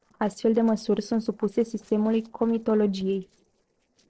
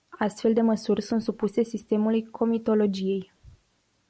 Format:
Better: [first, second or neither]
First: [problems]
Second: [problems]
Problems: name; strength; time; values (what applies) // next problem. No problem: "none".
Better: second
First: noise reduction (neural separator model SepFormer DNS4)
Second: none